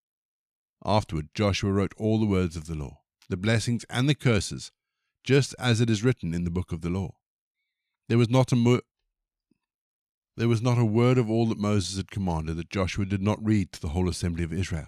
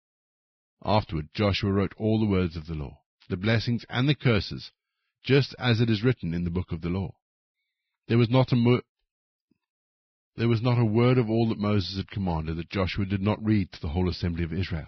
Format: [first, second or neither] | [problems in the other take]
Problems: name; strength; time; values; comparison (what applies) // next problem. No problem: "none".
first | garbled, watery; badly; nothing above 5.5 kHz